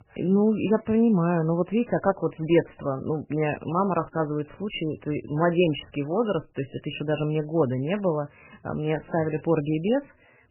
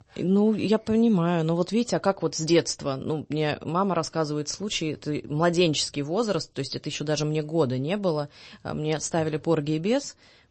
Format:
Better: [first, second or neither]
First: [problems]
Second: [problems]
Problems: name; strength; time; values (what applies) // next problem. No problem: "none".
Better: second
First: garbled, watery; badly; nothing above 3 kHz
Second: garbled, watery; slightly; nothing above 8 kHz